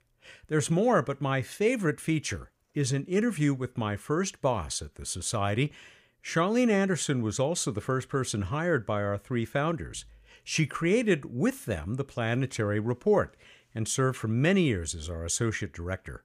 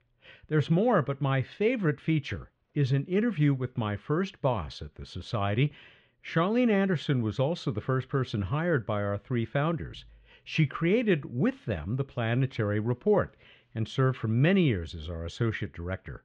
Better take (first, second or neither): first